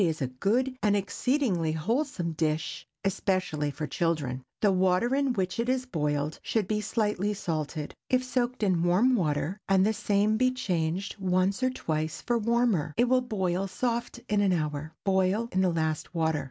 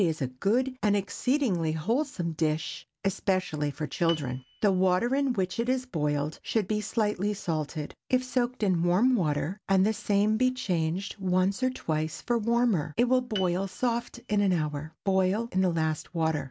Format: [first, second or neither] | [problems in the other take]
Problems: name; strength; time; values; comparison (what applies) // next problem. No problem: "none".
first | background sound (Piano); 18 dB below the speech